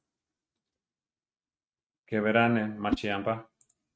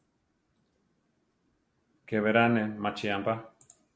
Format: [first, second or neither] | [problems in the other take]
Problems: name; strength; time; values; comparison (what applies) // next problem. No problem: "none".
second | noise reduction (neural mask model RNNoise)